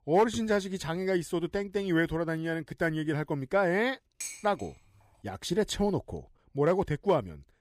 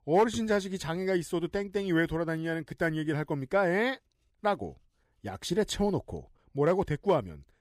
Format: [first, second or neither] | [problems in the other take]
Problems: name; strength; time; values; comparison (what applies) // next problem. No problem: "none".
second | clattering dishes; noticeable; at 4 s; peak 9 dB below the speech